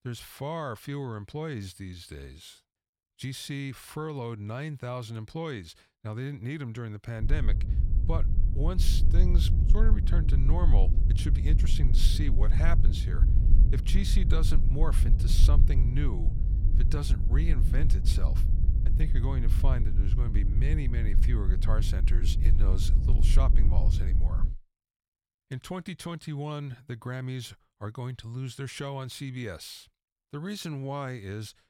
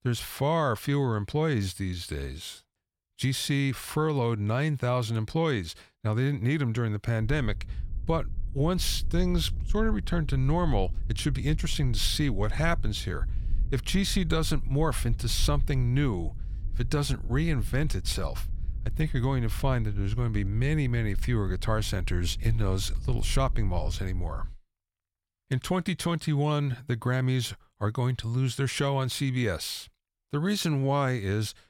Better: second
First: low rumble; loud; from 7 to 25 s; 6 dB below the speech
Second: low rumble; faint; from 7 to 25 s; 25 dB below the speech

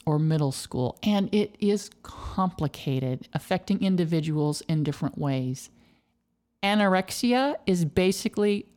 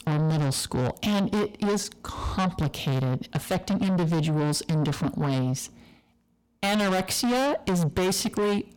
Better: first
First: none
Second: distortion; heavy; 6 dB below the speech

